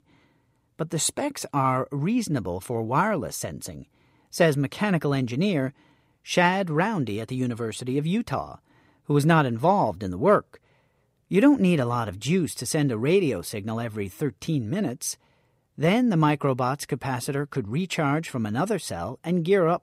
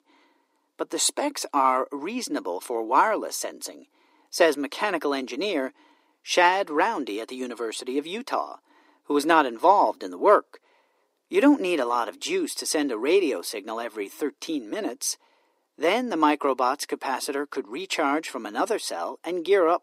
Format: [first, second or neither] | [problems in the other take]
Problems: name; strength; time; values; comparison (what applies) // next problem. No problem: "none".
first | thin; somewhat; fading below 300 Hz